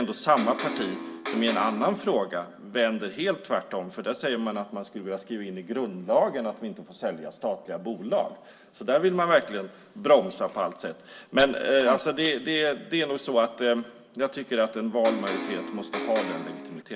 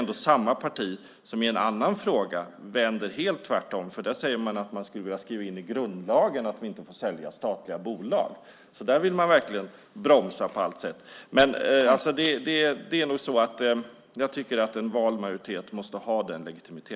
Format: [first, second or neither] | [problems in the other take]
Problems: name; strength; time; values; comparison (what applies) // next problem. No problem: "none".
second | background sound (Electric guitar); 7 dB below the speech // room echo; dies away in 0.5 s